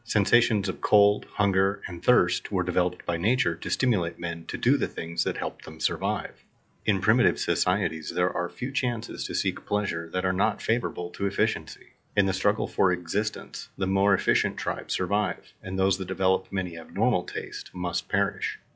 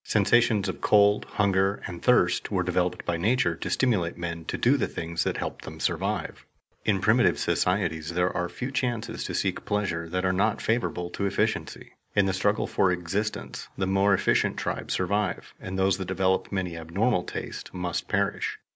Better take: second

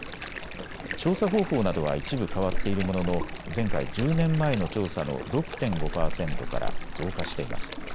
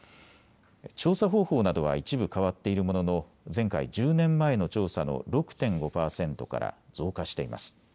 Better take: second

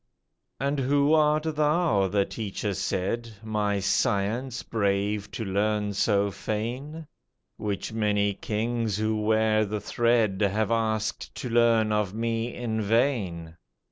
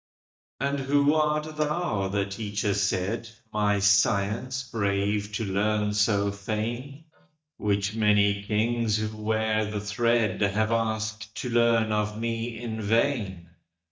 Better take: first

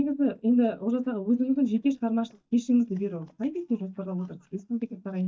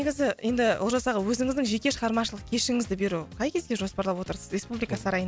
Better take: second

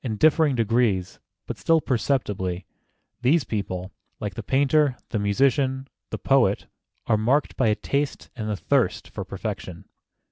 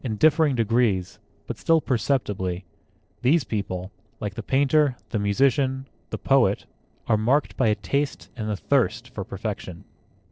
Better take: first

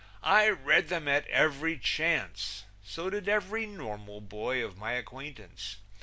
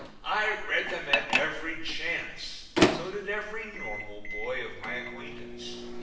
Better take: first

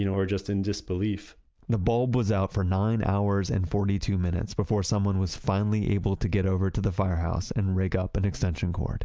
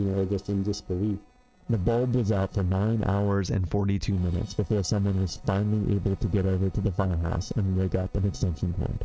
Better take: first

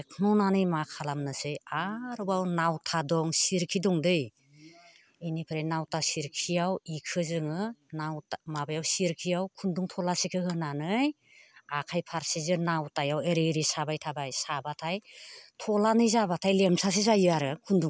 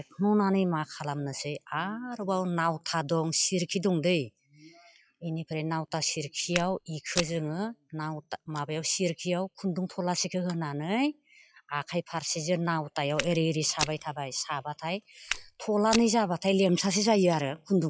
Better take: first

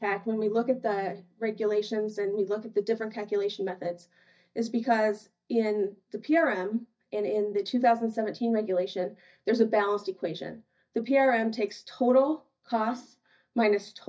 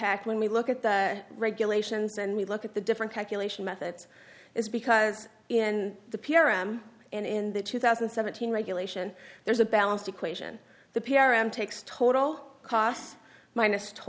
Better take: second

